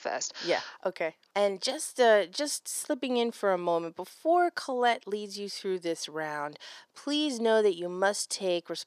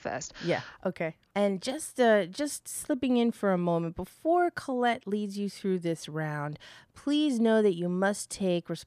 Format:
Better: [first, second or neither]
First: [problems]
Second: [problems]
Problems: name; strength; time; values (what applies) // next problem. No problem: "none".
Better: second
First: thin; somewhat; fading below 400 Hz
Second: none